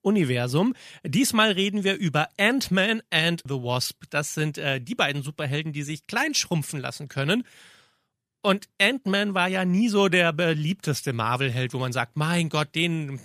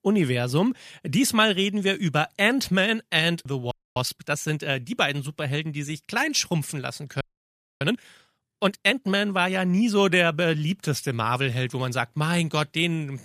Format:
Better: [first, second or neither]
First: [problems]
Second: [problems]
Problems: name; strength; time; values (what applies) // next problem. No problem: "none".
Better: first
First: none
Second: audio freezing; at 3.5 s and at 7 s for 0.5 s